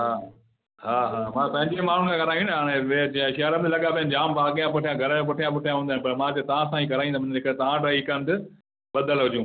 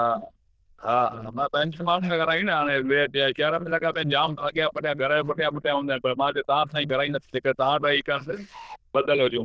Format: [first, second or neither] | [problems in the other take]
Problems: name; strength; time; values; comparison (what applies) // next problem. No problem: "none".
first | noise reduction (neural diffusion model UNIVERSE++)